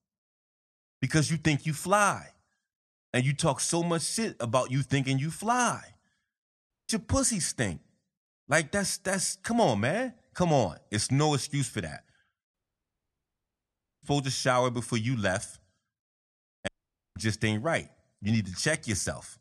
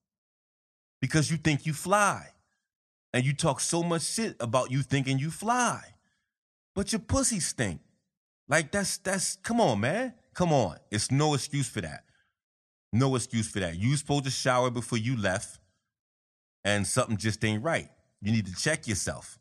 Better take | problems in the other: second | audio cutting out; at 6.5 s, at 13 s for 1.5 s and at 17 s

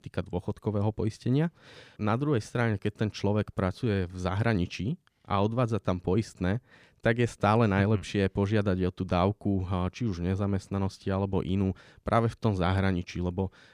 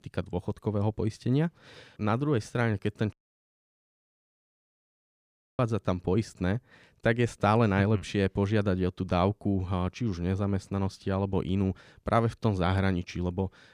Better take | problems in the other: first | audio cutting out; at 3 s for 2.5 s

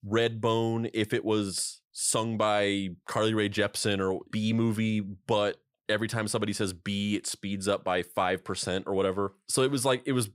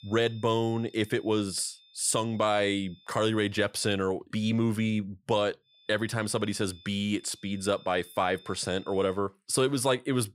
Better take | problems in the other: first | high-pitched whine; faint; until 3.5 s and from 5.5 to 9 s; 3.5 kHz, 25 dB below the speech

